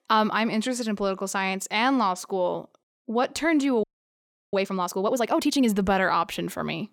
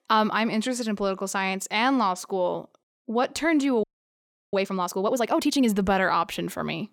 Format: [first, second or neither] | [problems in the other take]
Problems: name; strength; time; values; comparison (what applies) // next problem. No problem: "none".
neither | audio freezing; at 4 s for 0.5 s; the same in both